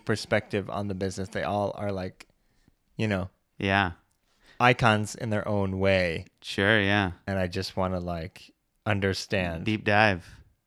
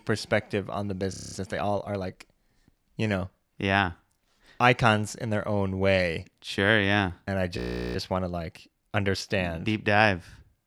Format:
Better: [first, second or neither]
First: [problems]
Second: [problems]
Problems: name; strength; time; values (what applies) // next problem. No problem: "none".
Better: first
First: none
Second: audio freezing; at 1 s and at 7.5 s